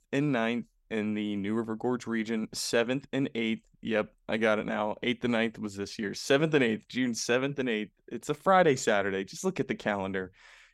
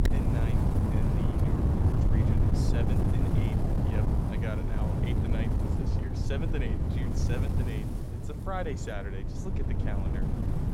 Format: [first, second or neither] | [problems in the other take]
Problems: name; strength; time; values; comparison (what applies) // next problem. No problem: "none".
first | wind noise on the microphone; heavy; 3 dB above the speech